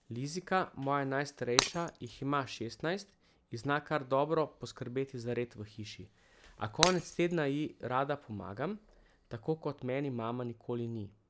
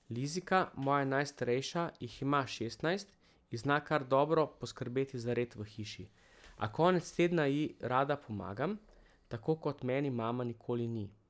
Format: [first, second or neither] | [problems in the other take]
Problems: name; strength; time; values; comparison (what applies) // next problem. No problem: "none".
second | background sound (Shatter); 2 dB above the speech